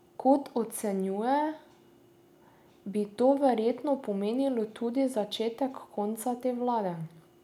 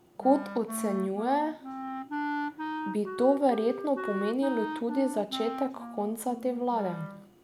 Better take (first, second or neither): first